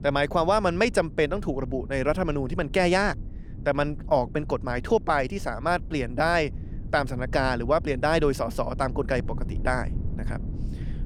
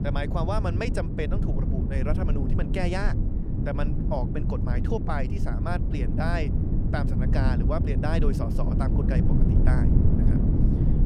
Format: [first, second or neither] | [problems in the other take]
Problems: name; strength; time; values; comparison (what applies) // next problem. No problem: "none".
first | low rumble; loud; throughout; 3 dB below the speech; faint in the first